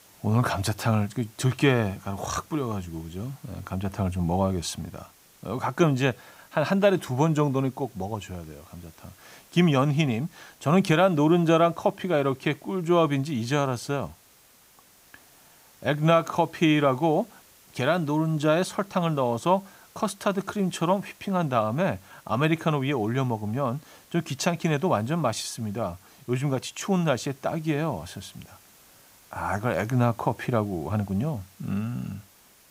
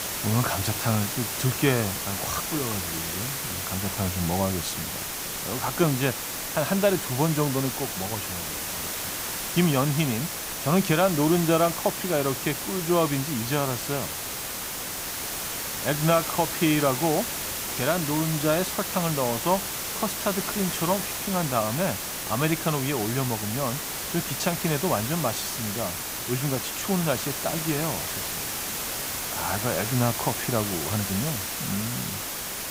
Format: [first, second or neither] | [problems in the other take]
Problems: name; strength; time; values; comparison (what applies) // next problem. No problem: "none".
first | hiss; loud; throughout; 2 dB below the speech; faint in the first